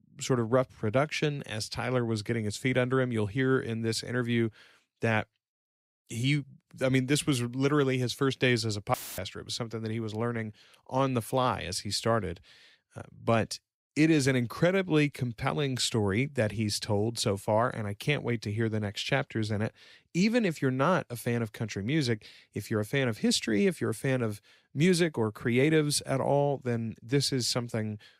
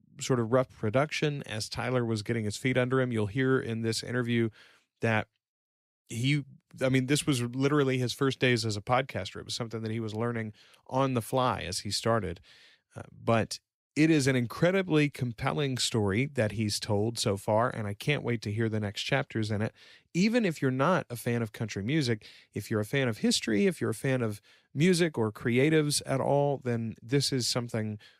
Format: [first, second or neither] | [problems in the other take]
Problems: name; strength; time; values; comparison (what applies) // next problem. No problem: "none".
second | audio cutting out; filled with static; at 9 s